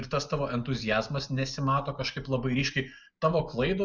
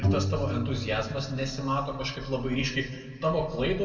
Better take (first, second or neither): first